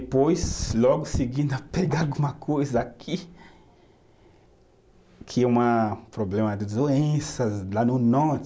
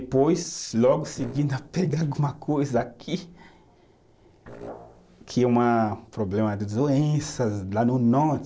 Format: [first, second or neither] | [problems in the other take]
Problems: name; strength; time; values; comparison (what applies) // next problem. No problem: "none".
first | noise reduction (neural separator model SepFormer DNS4)